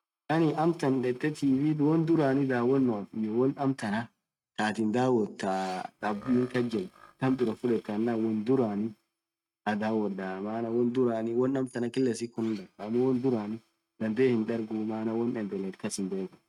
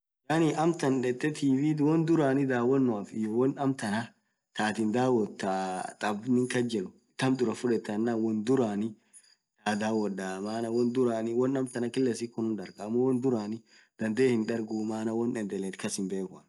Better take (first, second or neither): second